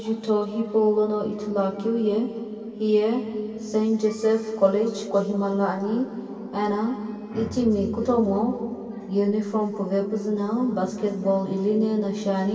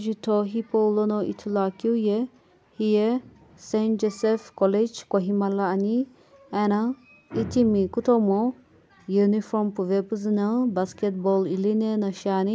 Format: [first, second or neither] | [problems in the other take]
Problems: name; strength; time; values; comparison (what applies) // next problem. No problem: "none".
second | room echo; dies away in 2.6 s